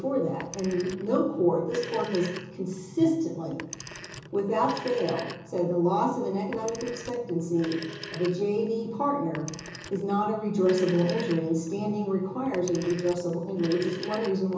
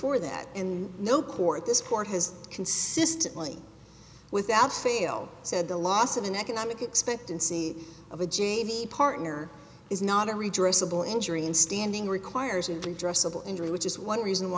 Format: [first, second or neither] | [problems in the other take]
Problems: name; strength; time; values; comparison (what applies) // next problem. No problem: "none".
second | background sound (Telephone); 16 dB below the speech // room echo; dies away in 0.7 s